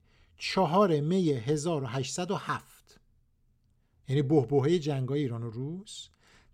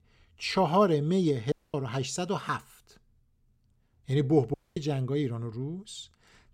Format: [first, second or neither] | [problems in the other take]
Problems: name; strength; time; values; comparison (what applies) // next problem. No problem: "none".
first | audio cutting out; at 1.5 s and at 4.5 s